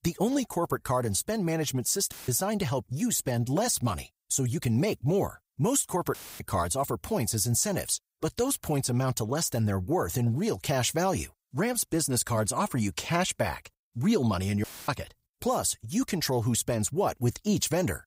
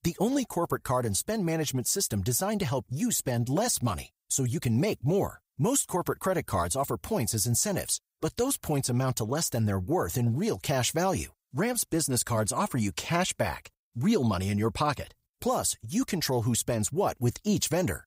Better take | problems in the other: second | audio cutting out; filled with static; at 2 s, at 6 s and at 15 s

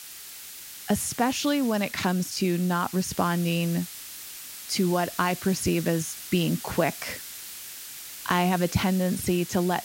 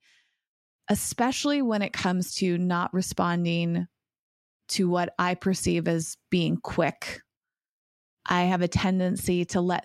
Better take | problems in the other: second | hiss; noticeable; throughout; 10 dB below the speech

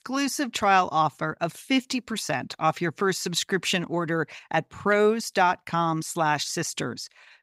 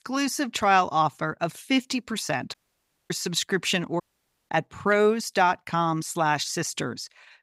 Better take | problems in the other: first | audio cutting out; at 2.5 s for 0.5 s and at 4 s for 0.5 s

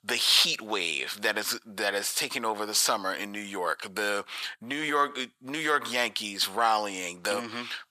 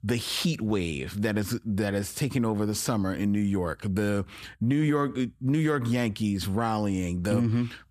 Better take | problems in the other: second | thin; very; fading below 800 Hz

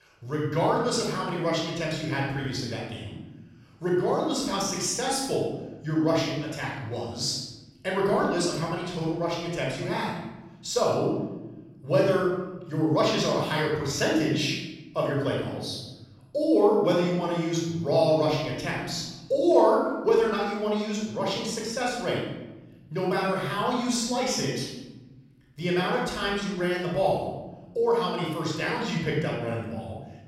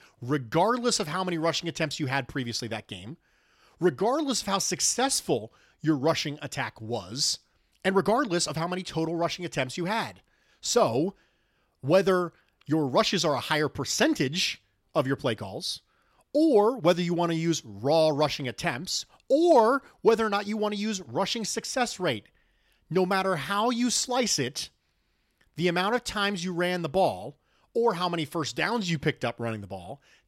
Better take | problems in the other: second | room echo; noticeable; dies away in 1.1 s // off-mic speech; far

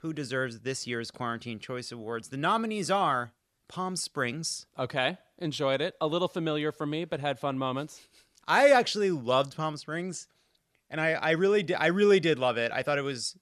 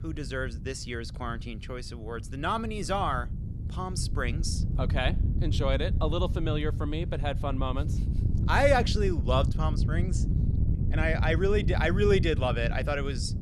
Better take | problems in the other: first | wind noise on the microphone; occasional gusts; 15 dB below the speech

